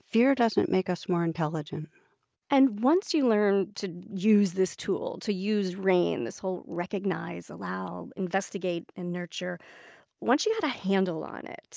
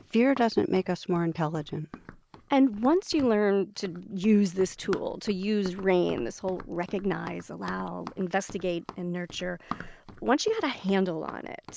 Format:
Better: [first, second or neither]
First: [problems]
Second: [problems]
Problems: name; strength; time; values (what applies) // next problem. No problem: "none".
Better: first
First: none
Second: background sound (Run); 18 dB below the speech